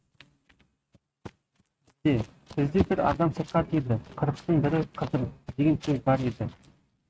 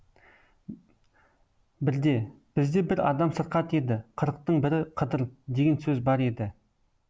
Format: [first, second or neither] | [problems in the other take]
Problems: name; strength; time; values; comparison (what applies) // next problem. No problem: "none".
second | noise reduction (neural mask model RNNoise)